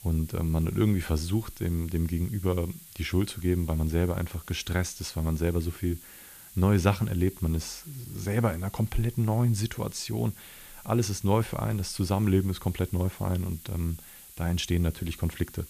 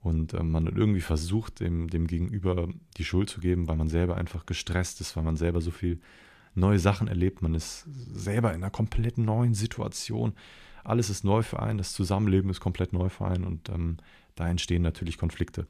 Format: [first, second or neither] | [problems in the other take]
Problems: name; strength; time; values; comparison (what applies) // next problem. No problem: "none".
second | hiss; noticeable; throughout; 20 dB below the speech